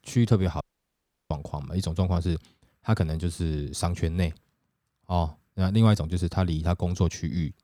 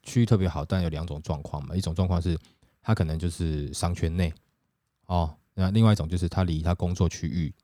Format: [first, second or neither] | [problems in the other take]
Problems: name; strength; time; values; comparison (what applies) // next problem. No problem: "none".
second | audio cutting out; at 0.5 s for 0.5 s